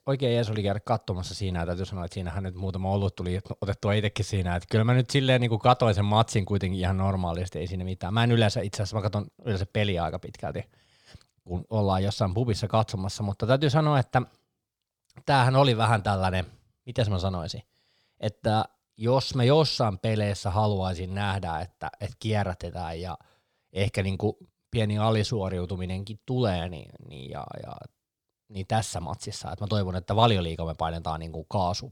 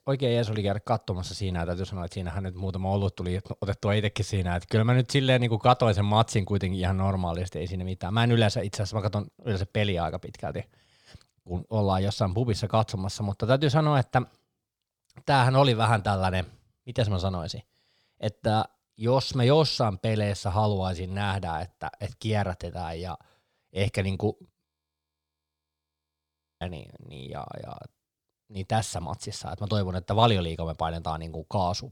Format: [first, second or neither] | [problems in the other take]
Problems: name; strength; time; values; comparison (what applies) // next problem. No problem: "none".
first | audio freezing; at 25 s for 2 s